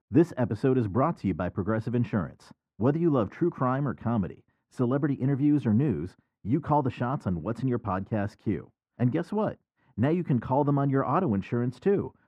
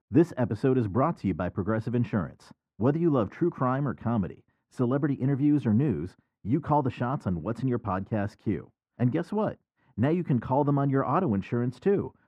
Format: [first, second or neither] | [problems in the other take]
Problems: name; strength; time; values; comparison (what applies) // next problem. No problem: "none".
neither | muffled; very; fading above 3 kHz; the same in both